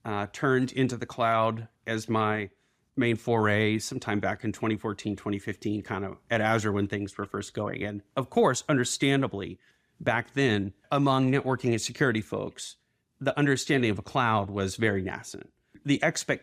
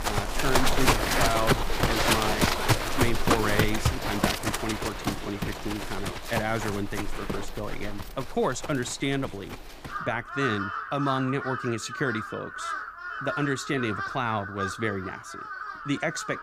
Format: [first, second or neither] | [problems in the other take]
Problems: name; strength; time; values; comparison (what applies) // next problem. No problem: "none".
first | animal sounds; very loud; throughout; 2 dB above the speech